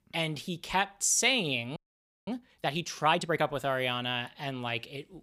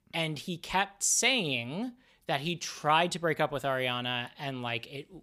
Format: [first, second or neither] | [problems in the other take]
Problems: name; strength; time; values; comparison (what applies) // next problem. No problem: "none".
second | audio freezing; at 2 s for 0.5 s